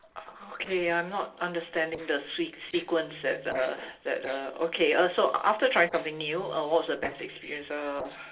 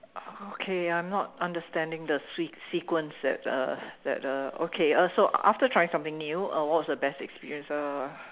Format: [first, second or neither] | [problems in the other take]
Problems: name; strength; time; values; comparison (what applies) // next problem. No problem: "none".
second | noise reduction (neural separator model SepFormer DNS4)